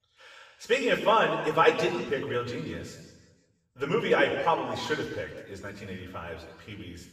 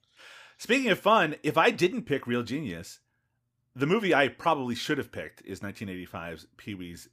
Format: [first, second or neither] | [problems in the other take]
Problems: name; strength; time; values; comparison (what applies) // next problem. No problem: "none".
second | room echo; noticeable; dies away in 1.2 s // off-mic speech; far